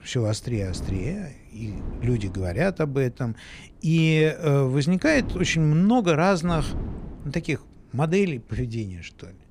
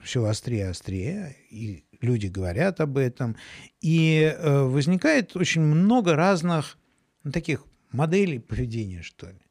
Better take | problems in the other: second | wind noise on the microphone; occasional gusts; 20 dB below the speech

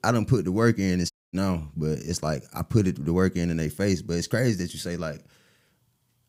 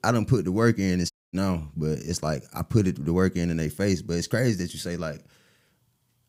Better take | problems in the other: neither | audio cutting out; at 1 s; the same in both

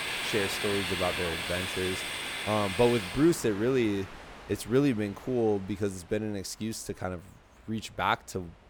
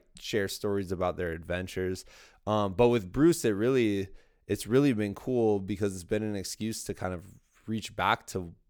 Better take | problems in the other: second | train or aircraft noise; loud; throughout; 3 dB below the speech

